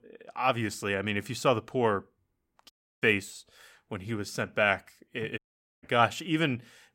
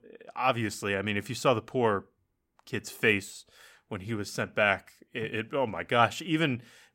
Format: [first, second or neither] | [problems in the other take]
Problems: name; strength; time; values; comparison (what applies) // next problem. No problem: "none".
second | audio cutting out; at 2.5 s and at 5.5 s